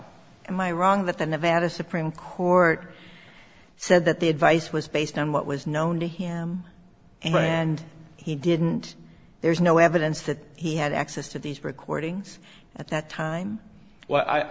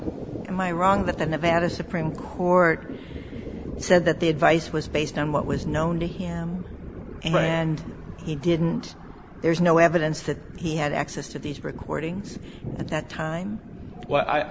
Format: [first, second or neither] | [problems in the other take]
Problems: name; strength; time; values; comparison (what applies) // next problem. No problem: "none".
first | background sound (Thunder); 11 dB below the speech